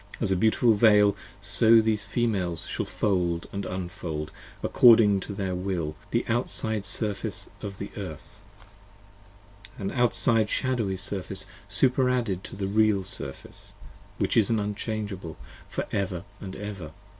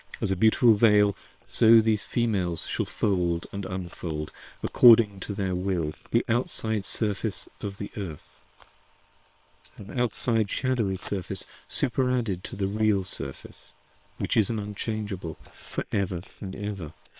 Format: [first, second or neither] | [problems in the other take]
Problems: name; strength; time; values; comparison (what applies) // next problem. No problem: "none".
first | noise reduction (neural separator model SepFormer WHAM!)